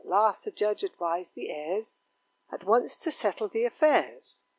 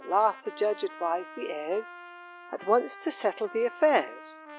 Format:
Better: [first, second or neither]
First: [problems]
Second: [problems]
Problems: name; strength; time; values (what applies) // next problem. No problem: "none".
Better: first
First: none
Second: background sound (Trumpet); 16 dB below the speech